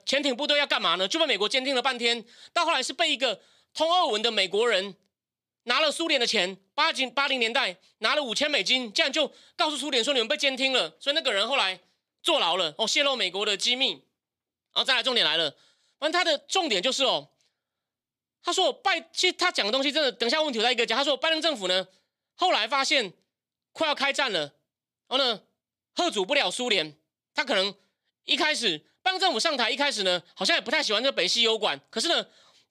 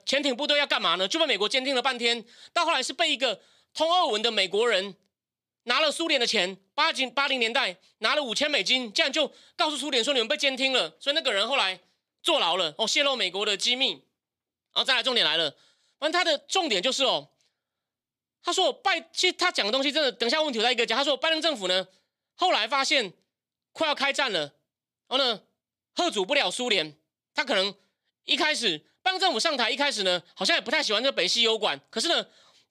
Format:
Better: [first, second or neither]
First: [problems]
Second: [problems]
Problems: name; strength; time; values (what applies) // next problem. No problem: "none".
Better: neither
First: thin; very slightly; fading below 850 Hz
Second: thin; very slightly; fading below 850 Hz